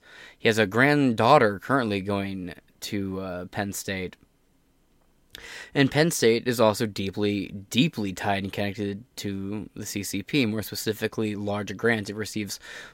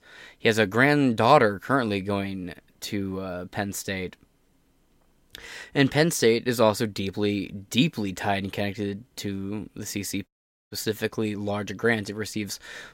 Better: first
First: none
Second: audio cutting out; at 10 s

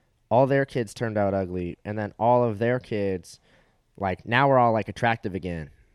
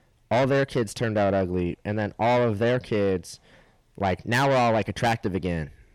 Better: first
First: none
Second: distortion; heavy; 7 dB below the speech

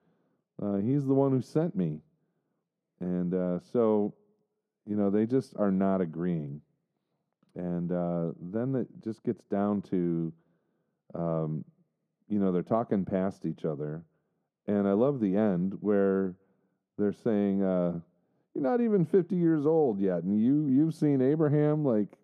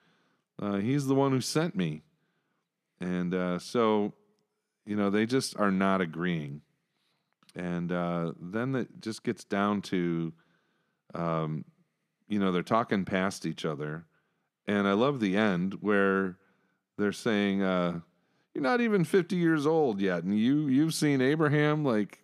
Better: second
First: muffled; very; fading above 1 kHz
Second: none

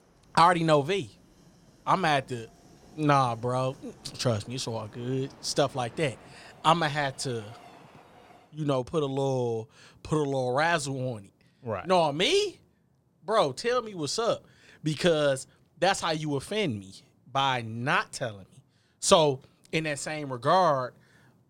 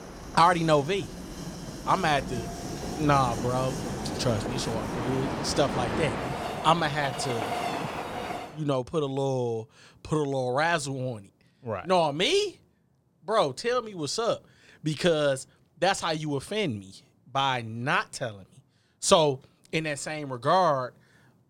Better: first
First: train or aircraft noise; faint; until 8.5 s; 25 dB below the speech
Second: train or aircraft noise; loud; until 8.5 s; 7 dB below the speech

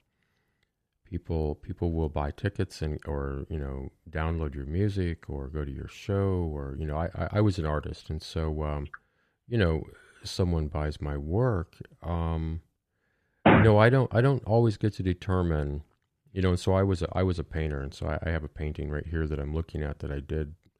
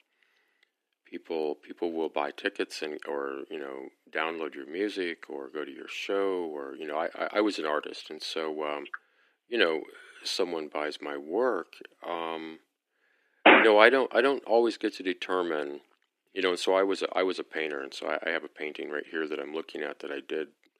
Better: first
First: none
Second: thin; very; fading below 300 Hz

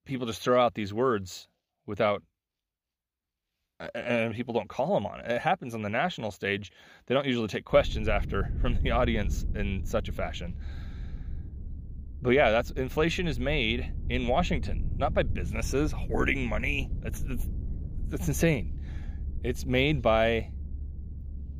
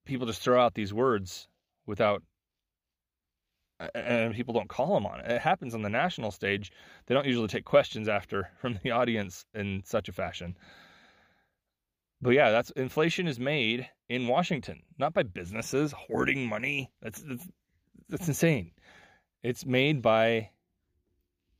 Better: second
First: low rumble; faint; from 7.5 s on; 25 dB below the speech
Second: none

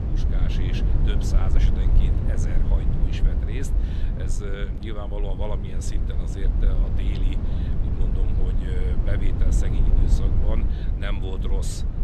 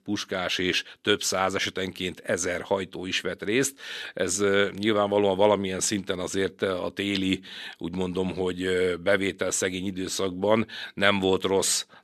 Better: second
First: low rumble; loud; throughout; as loud as the speech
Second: none

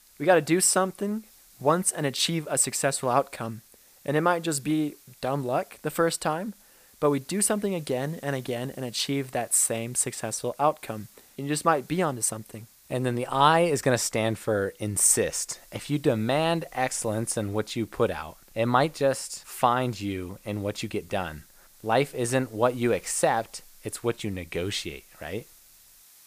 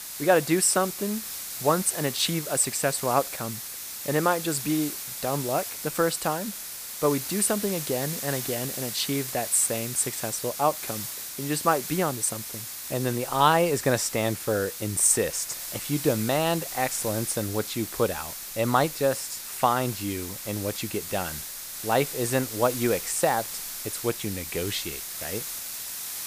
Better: first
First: hiss; faint; throughout; 25 dB below the speech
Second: hiss; loud; throughout; 7 dB below the speech

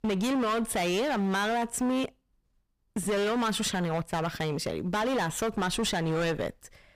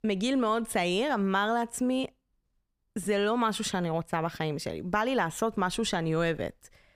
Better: second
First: distortion; heavy; 21% of the sound clipped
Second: none

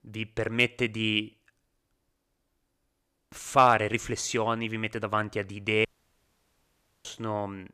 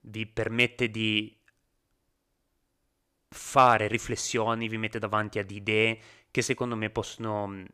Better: second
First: audio cutting out; at 6 s for 1 s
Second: none

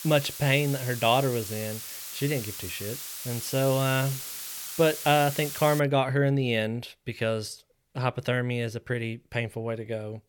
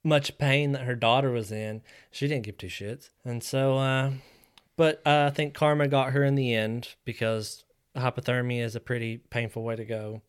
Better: second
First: hiss; loud; until 6 s; 8 dB below the speech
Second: none

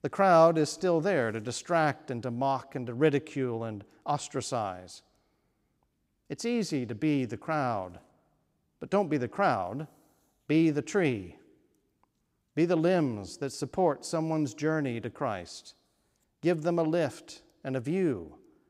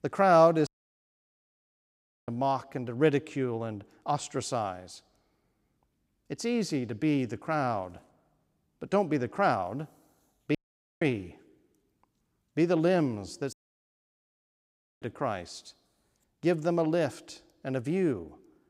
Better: first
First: none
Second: audio cutting out; at 0.5 s for 1.5 s, at 11 s and at 14 s for 1.5 s

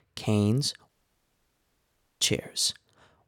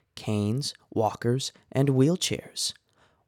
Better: second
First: audio cutting out; at 1 s for 1.5 s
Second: none

